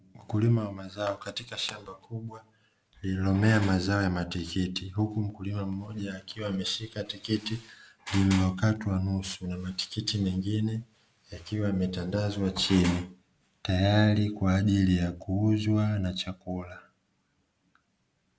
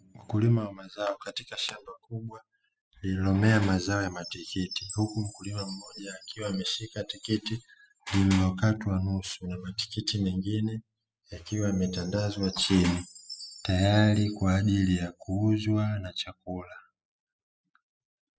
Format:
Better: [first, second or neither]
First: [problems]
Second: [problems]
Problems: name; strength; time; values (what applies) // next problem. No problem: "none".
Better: first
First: none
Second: noise reduction (classical method spectral subtraction)